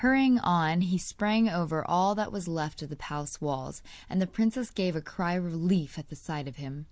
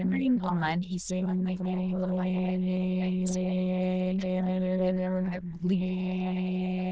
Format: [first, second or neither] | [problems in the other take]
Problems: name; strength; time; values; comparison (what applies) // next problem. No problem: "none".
first | noise reduction (neural diffusion model UNIVERSE++)